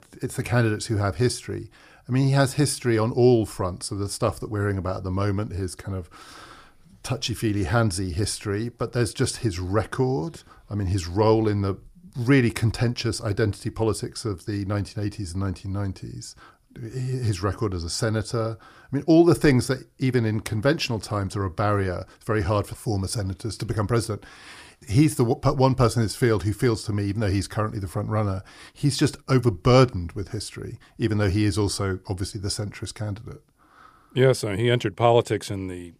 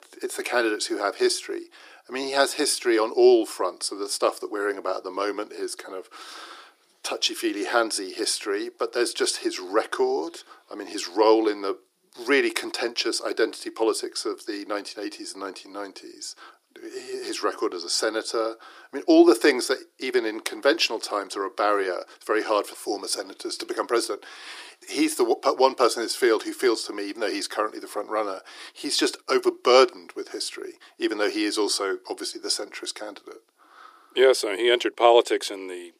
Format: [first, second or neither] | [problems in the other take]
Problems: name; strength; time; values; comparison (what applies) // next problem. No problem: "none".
first | thin; very; fading below 350 Hz